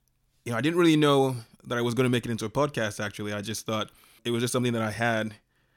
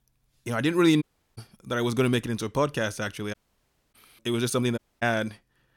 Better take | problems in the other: first | audio cutting out; at 1 s, at 3.5 s for 0.5 s and at 5 s

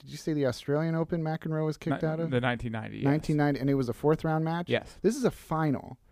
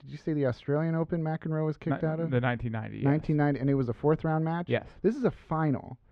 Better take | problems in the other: first | muffled; slightly; fading above 2.5 kHz

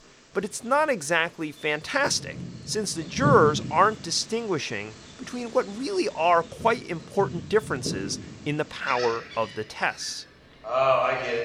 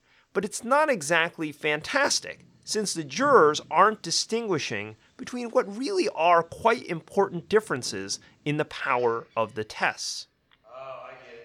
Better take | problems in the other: second | animal sounds; loud; throughout; 5 dB below the speech; faint in the second

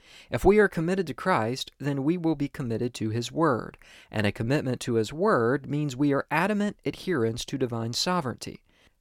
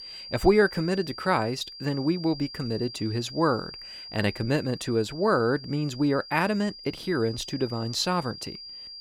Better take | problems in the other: first | high-pitched whine; noticeable; throughout; 5 kHz, 15 dB below the speech

